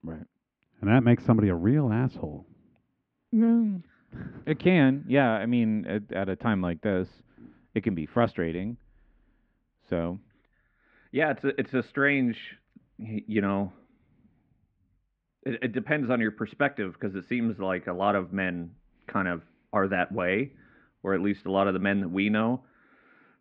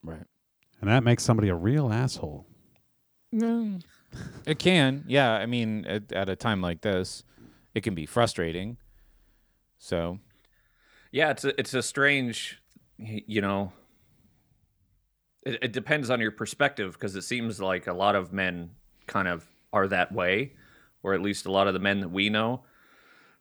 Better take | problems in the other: second | muffled; very; fading above 2.5 kHz

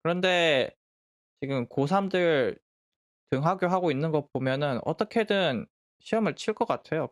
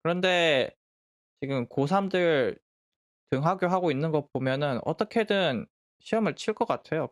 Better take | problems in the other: neither | none

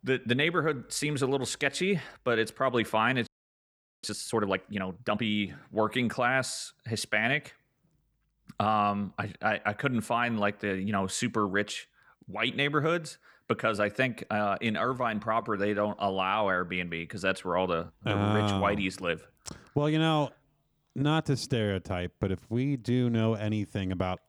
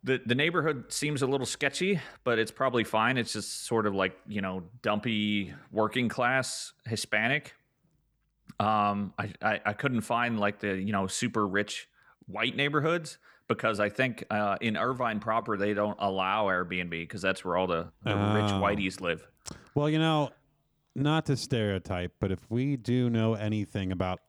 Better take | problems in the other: second | audio freezing; at 3.5 s for 1 s

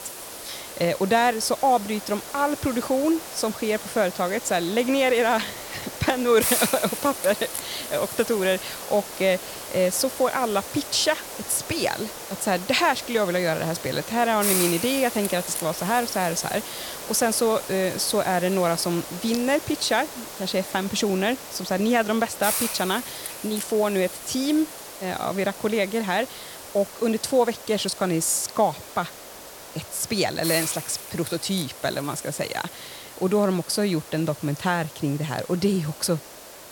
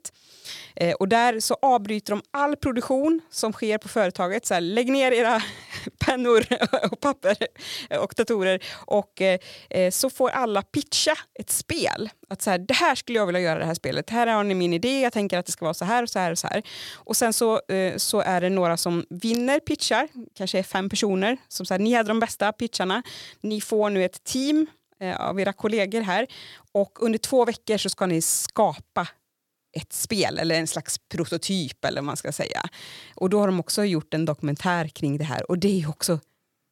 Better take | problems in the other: second | hiss; loud; throughout; 8 dB below the speech

